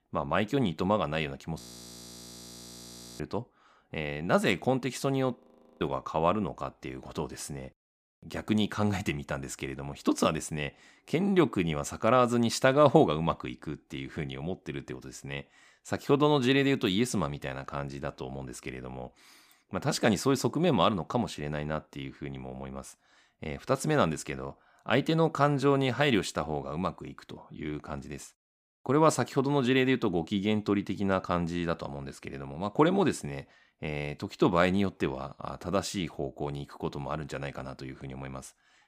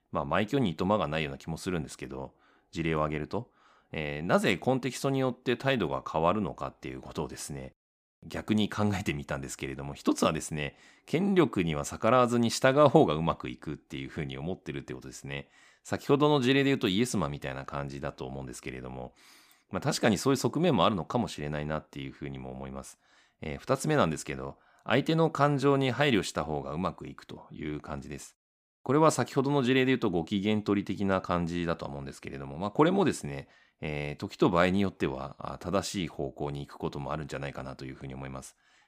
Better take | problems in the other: second | audio freezing; at 1.5 s for 1.5 s and at 5.5 s

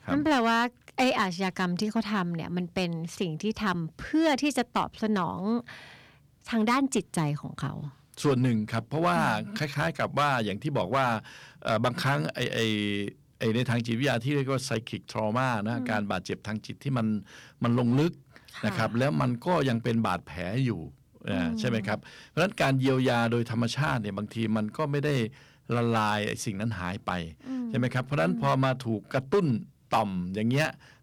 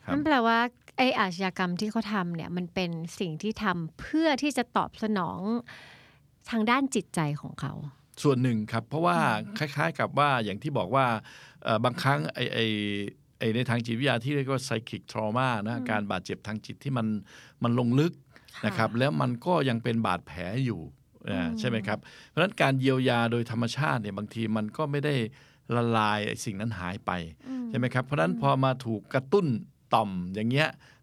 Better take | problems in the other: second | distortion; slight; 3% of the sound clipped

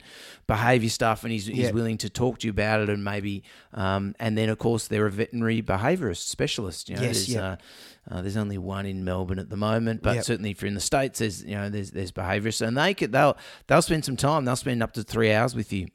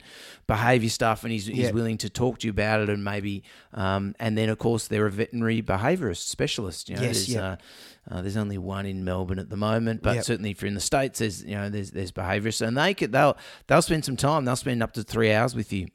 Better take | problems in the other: neither | none

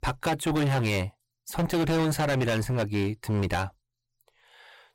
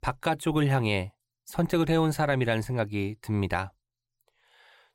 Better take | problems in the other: second | distortion; heavy; 18% of the sound clipped

